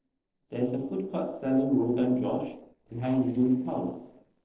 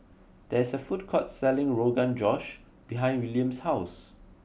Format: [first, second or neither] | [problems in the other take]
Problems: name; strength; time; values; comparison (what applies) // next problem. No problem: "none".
second | noise reduction (neural separator model SepFormer DNS4)